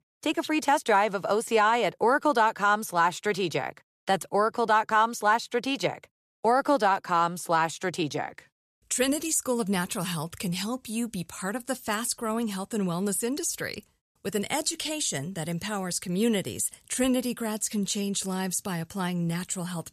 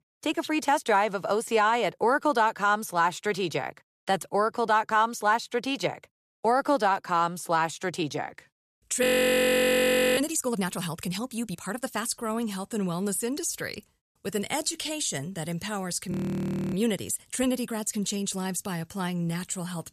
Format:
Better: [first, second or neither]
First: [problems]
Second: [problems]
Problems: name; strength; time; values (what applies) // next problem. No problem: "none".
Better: first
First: none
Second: audio freezing; at 9 s for 1 s and at 16 s for 0.5 s